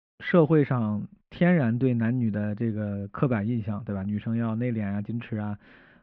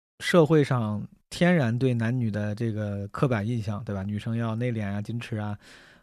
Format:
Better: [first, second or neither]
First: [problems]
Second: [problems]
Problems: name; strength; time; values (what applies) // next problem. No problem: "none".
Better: second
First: muffled; very; fading above 3 kHz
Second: none